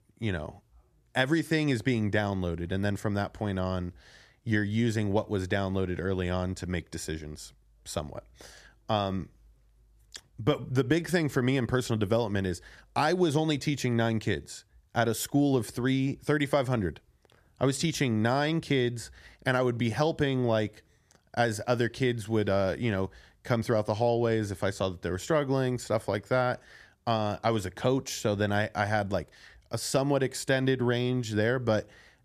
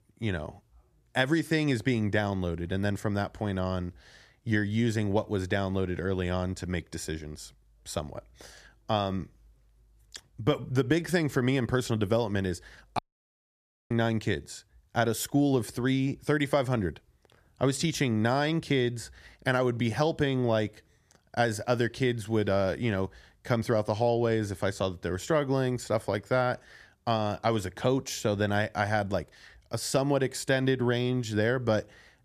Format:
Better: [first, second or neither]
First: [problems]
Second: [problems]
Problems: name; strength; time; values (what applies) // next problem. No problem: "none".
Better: first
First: none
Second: audio cutting out; at 13 s for 1 s